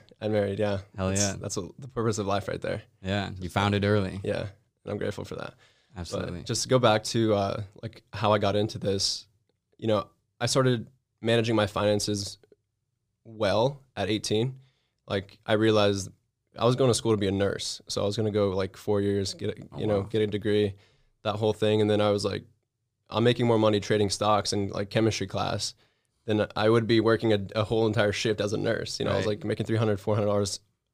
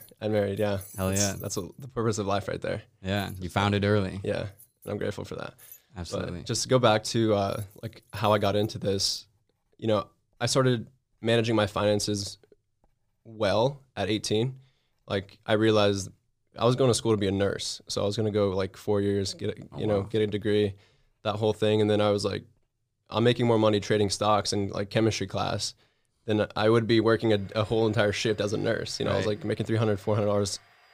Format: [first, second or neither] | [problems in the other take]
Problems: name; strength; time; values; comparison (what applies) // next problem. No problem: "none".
first | household noises; faint; throughout; 25 dB below the speech